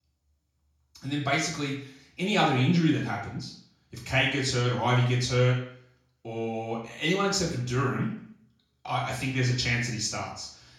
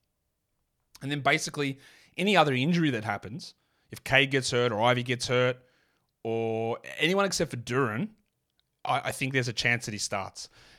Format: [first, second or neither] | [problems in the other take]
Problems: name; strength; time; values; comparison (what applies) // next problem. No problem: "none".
second | room echo; noticeable; dies away in 0.5 s // off-mic speech; far